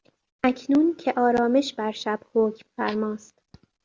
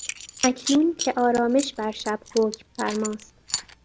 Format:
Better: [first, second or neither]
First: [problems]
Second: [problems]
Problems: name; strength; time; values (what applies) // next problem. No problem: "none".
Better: first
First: none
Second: background sound (Coin (dropping) / Zipper (clothing)); 10 dB below the speech